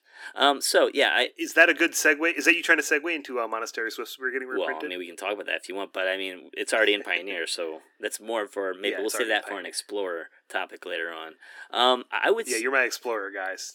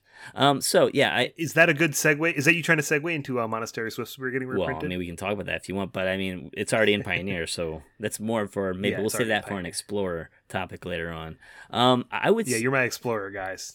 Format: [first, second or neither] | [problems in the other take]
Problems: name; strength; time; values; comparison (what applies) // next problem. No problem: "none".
second | thin; somewhat; fading below 300 Hz